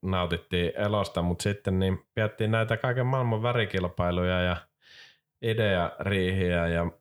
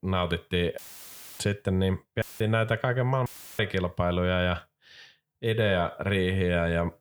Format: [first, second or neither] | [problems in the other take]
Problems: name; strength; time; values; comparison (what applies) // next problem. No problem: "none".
first | audio cutting out; filled with static; at 1 s for 0.5 s, at 2 s and at 3.5 s